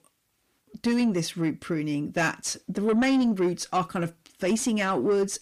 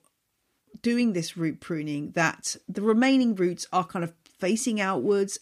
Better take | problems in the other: second | distortion; slight; 10 dB below the speech

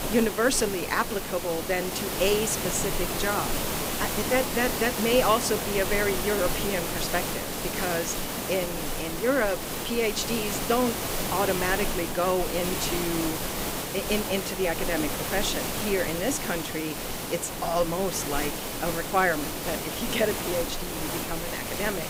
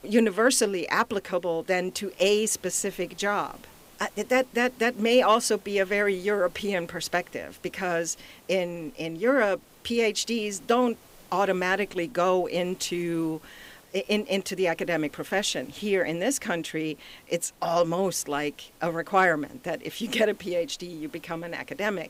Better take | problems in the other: second | hiss; loud; throughout; 2 dB below the speech; faint in the second

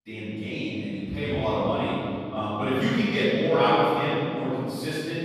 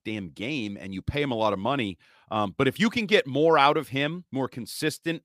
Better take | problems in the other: second | off-mic speech; far // room echo; strong; dies away in 2.6 s

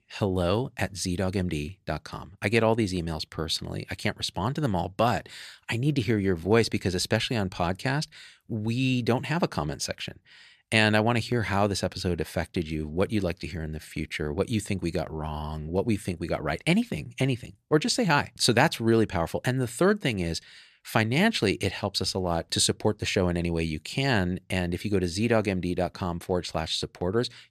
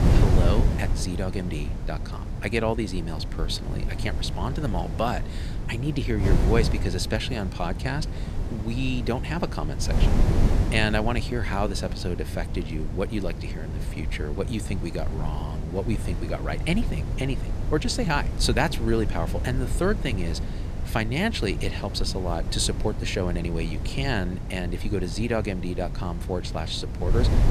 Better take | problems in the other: first | wind noise on the microphone; heavy; 9 dB below the speech

